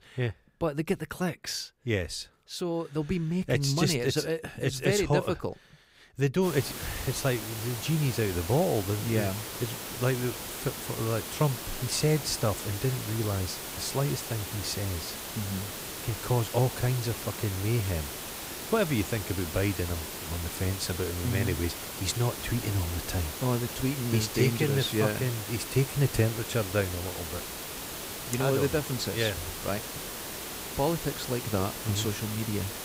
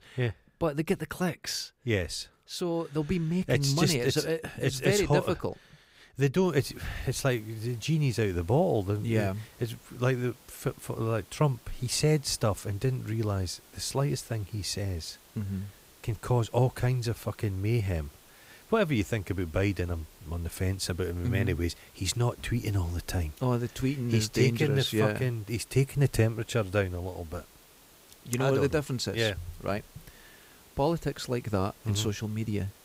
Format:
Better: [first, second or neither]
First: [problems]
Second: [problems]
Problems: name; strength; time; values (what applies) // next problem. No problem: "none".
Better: second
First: hiss; loud; from 6.5 s on; 6 dB below the speech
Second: hiss; faint; from 6.5 s on; 25 dB below the speech